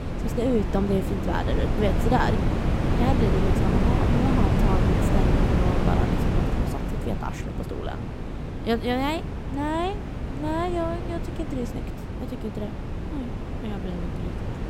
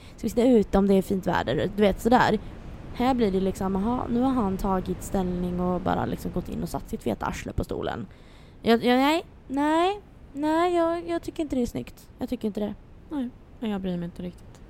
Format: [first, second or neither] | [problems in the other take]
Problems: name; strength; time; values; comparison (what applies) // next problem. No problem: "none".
second | wind noise on the microphone; heavy; 2 dB below the speech; occasional gusts in the second